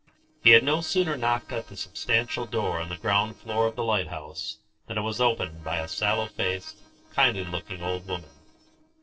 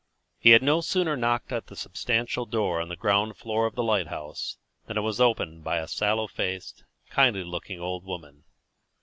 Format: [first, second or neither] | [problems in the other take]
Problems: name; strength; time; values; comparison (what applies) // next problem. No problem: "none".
second | noise reduction (neural separator model SepFormer DNS4)